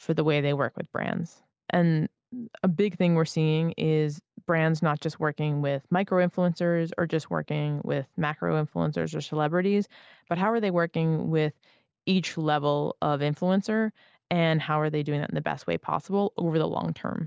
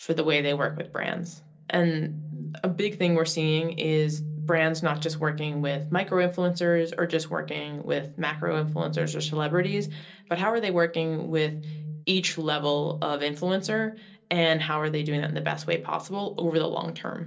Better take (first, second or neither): first